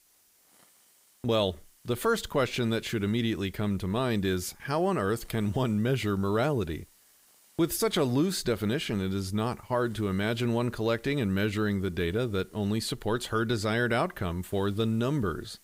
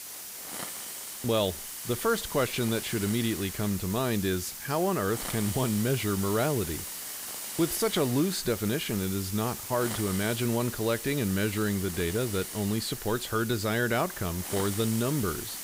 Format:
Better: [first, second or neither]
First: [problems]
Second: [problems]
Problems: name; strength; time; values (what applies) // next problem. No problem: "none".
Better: first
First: hiss; faint; throughout; 30 dB below the speech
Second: hiss; loud; throughout; 7 dB below the speech